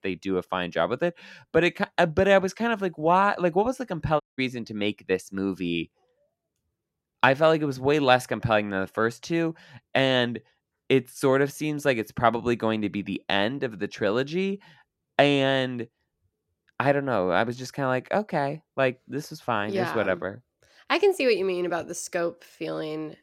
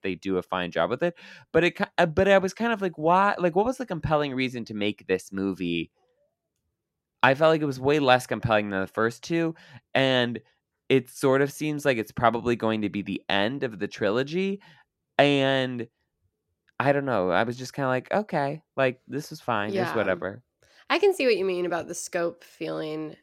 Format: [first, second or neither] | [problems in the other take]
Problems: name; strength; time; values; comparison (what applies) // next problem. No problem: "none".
second | audio cutting out; at 4 s